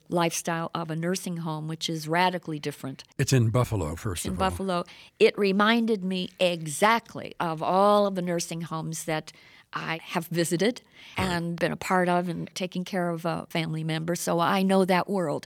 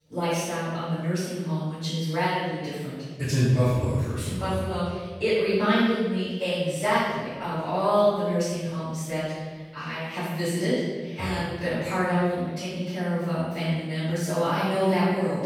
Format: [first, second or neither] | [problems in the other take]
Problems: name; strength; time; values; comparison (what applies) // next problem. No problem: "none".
first | off-mic speech; far // room echo; strong; dies away in 1.5 s